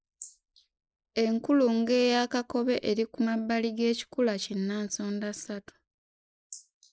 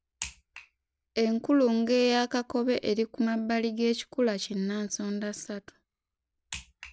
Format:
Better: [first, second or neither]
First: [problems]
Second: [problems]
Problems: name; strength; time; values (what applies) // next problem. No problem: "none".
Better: second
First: noise reduction (neural mask model Resemble Enhance denoiser)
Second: none